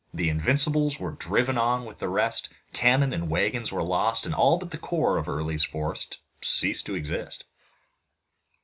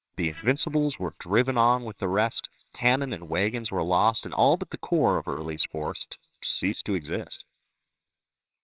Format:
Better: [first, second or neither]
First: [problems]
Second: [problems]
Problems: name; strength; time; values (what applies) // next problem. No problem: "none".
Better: first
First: none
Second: noise reduction (neural separator model SepFormer WHAMR!)